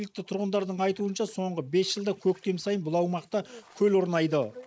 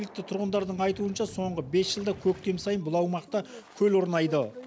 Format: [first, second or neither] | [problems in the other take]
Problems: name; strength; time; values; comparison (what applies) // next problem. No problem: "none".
second | noise reduction (neural mask model Resemble Enhance denoiser)